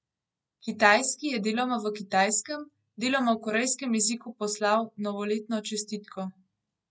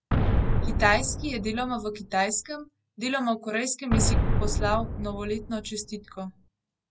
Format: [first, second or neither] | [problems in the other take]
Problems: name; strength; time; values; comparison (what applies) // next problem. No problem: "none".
first | background sound (Boom); 3 dB above the speech